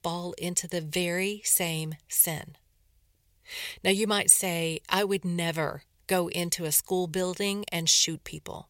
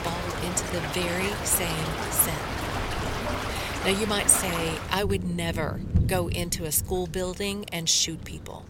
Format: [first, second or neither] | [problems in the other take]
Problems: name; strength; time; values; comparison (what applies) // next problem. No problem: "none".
first | rain or running water; loud; throughout; 5 dB below the speech